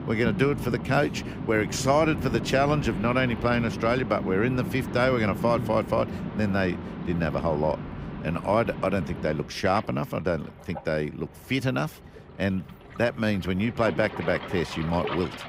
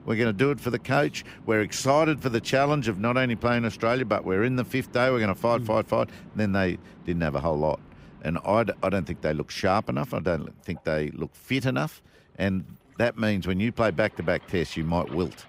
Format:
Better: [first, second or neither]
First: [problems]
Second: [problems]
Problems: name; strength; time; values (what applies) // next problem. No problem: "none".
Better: second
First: rain or running water; loud; throughout; 8 dB below the speech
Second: rain or running water; faint; throughout; 20 dB below the speech